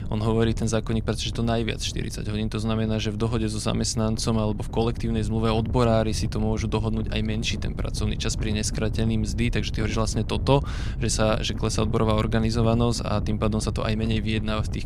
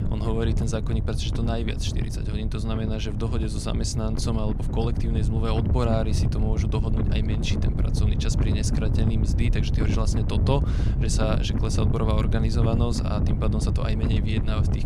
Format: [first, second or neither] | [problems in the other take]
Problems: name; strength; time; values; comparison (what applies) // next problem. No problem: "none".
first | wind noise on the microphone; heavy; 5 dB below the speech; occasional gusts in the first